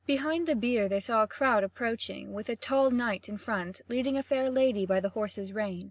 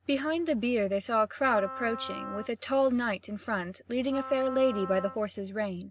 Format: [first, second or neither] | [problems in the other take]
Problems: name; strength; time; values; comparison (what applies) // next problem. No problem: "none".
first | background sound (Wind instrument, woodwind instrument); 13 dB below the speech